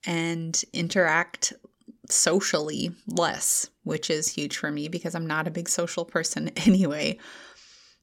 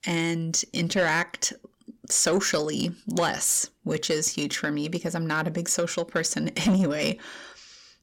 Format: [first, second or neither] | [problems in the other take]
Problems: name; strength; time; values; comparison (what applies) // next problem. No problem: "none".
first | distortion; slight; 10 dB below the speech